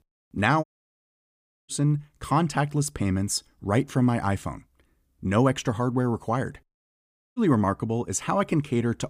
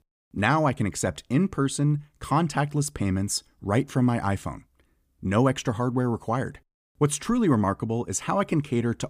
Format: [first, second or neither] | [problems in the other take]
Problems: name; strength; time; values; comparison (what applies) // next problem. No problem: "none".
second | audio cutting out; at 0.5 s for 1 s and at 7 s for 0.5 s